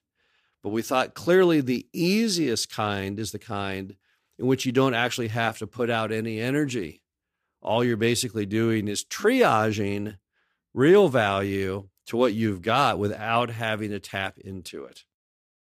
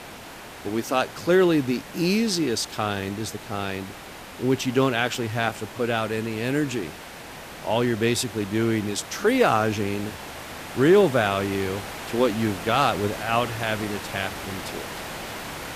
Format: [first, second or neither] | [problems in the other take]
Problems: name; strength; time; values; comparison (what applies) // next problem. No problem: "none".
first | hiss; noticeable; throughout; 10 dB below the speech